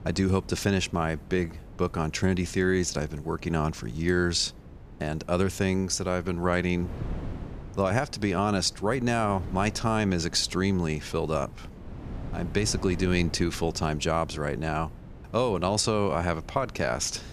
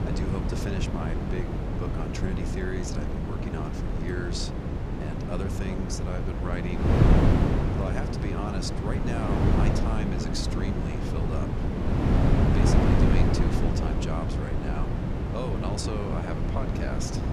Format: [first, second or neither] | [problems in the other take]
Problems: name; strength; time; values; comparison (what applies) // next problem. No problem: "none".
first | wind noise on the microphone; heavy; 3 dB above the speech; occasional gusts in the first